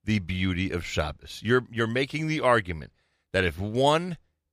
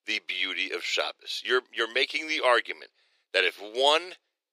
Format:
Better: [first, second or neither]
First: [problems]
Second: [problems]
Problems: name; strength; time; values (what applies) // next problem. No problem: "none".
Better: first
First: none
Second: thin; very; fading below 350 Hz